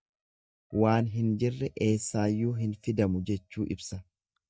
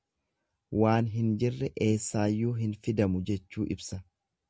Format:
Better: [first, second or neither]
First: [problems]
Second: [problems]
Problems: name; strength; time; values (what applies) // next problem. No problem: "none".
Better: second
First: noise reduction (neural mask model DeepFilterNet 3)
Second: none